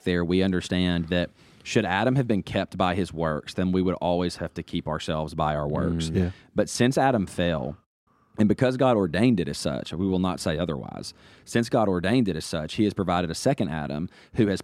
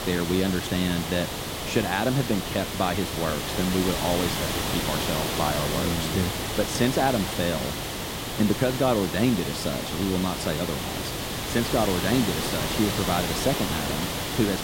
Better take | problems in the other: first | hiss; loud; throughout; 2 dB below the speech

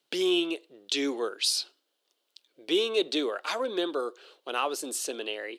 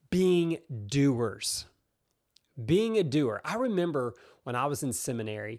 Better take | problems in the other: second | thin; somewhat; fading below 300 Hz

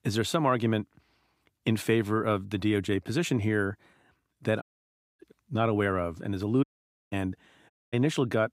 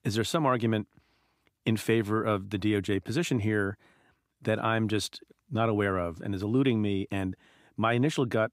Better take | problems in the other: second | audio cutting out; at 4.5 s for 0.5 s, at 6.5 s and at 7.5 s

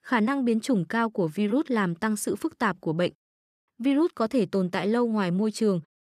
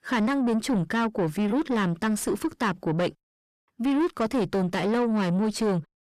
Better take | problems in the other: first | distortion; slight; 9 dB below the speech

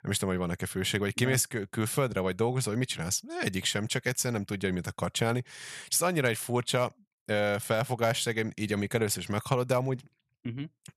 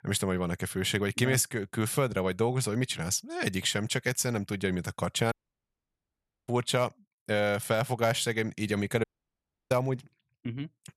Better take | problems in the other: first | audio cutting out; at 5.5 s for 1 s and at 9 s for 0.5 s

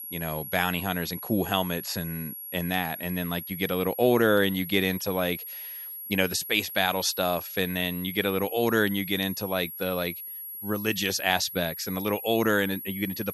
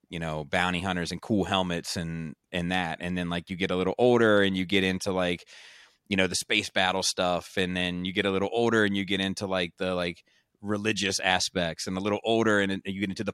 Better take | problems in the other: second | high-pitched whine; loud; throughout; 11.5 kHz, 9 dB below the speech

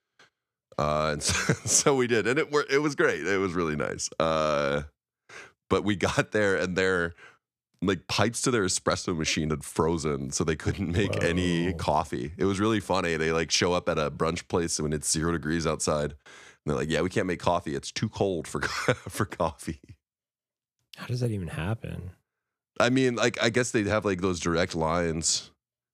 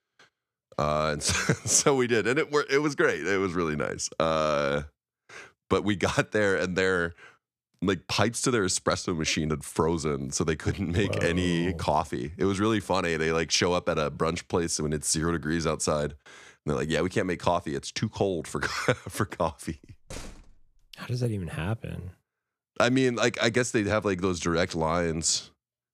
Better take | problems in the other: first | door banging; faint; at 20 s; peak 15 dB below the speech

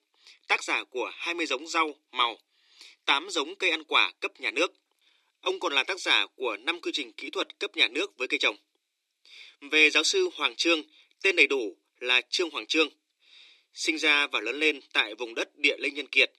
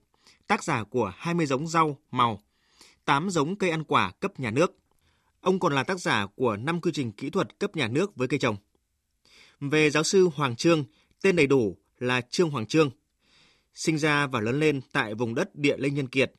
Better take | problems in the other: second | thin; somewhat; fading below 300 Hz

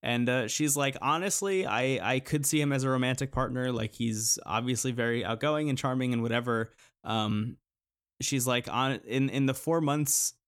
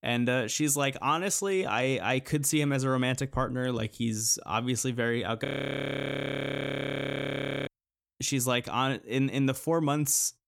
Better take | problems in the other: first | audio freezing; at 5.5 s for 2 s

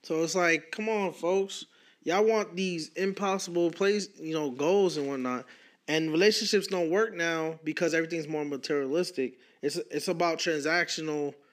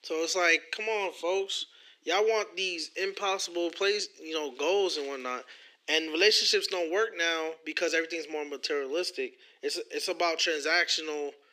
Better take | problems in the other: first | thin; somewhat; fading below 350 Hz

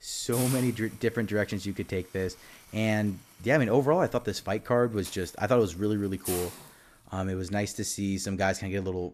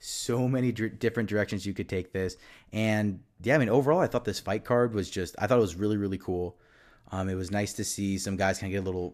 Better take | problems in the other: second | hiss; noticeable; throughout; 10 dB below the speech

